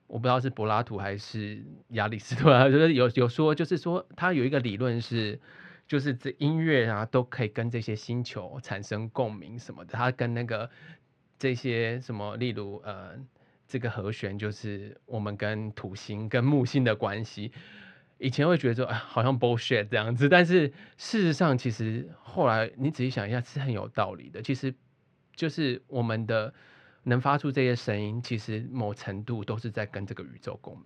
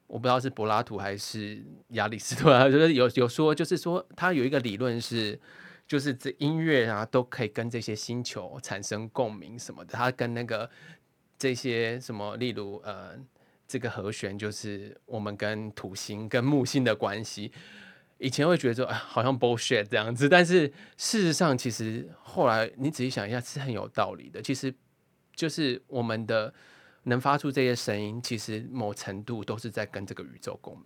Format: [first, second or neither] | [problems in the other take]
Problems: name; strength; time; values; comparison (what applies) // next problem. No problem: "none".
second | muffled; very slightly; fading above 3 kHz